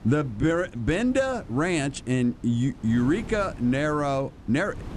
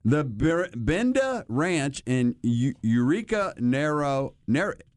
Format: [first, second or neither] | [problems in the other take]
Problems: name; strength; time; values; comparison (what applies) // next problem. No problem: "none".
second | wind noise on the microphone; occasional gusts; 20 dB below the speech